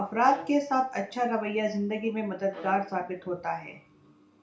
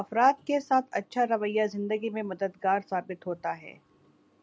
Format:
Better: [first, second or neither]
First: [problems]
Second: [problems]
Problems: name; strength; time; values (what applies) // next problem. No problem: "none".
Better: second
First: background sound (Bowed string instrument); 20 dB below the speech // room echo; dies away in 0.4 s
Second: none